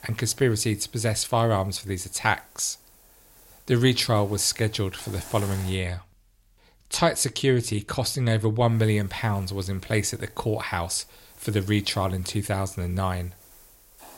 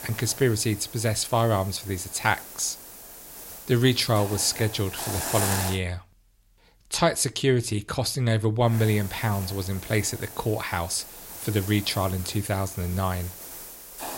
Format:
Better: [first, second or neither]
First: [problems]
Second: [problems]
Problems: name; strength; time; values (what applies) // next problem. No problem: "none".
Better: first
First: hiss; faint; until 5.5 s and from 8.5 s on; 25 dB below the speech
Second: hiss; loud; until 5.5 s and from 8.5 s on; 10 dB below the speech